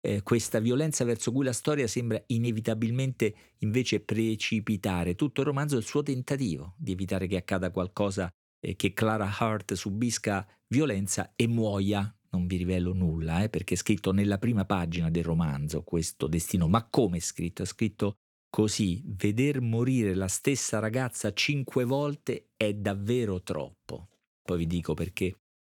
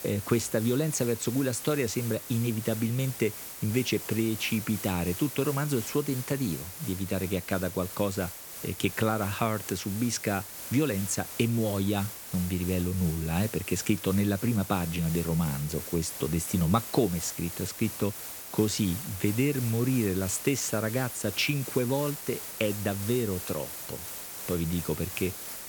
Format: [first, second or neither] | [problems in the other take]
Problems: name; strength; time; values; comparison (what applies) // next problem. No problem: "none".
first | hiss; loud; throughout; 8 dB below the speech